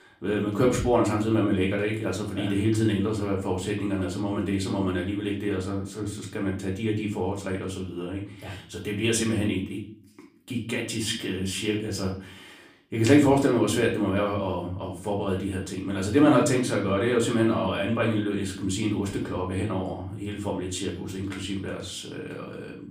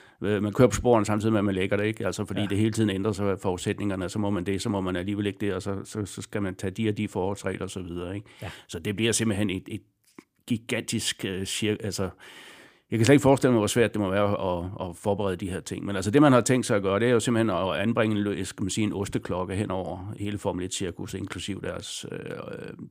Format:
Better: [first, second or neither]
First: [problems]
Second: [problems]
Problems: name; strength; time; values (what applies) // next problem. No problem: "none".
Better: second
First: room echo; slight; dies away in 0.4 s // off-mic speech; far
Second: none